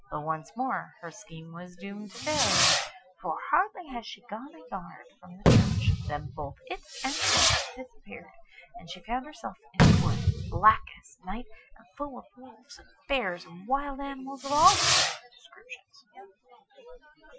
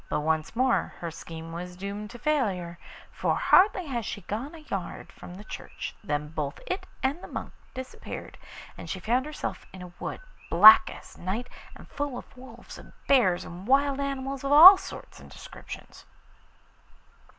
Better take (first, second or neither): second